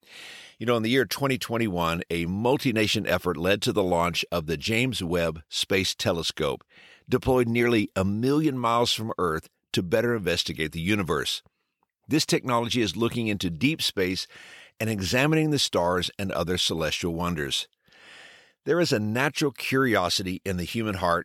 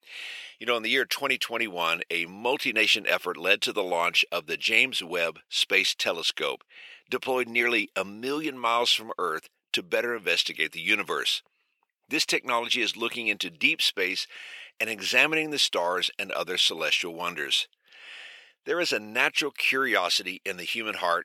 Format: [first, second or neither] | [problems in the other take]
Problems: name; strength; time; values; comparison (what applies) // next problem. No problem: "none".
first | thin; somewhat; fading below 400 Hz